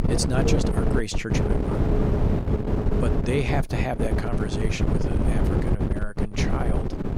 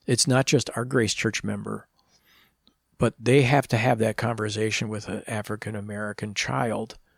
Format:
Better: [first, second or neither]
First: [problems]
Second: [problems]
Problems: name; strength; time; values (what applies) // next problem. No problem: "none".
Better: second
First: wind noise on the microphone; heavy; 1 dB above the speech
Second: none